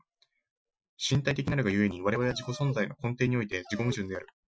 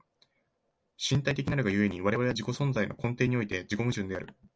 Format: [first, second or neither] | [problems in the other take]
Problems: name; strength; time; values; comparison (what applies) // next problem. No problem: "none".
second | noise reduction (classical method Wiener filter)